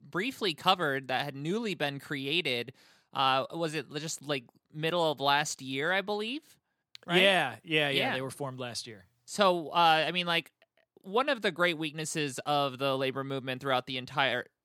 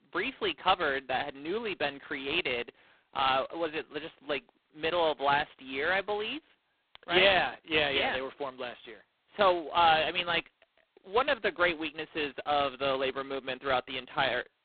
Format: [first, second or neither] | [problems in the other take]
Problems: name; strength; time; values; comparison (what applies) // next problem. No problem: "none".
first | phone-call audio; poor line; nothing above 4 kHz